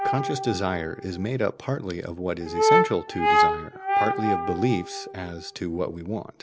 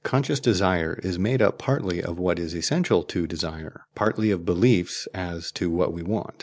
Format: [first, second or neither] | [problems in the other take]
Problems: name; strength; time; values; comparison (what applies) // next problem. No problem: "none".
second | background sound (Brass instrument); 2 dB above the speech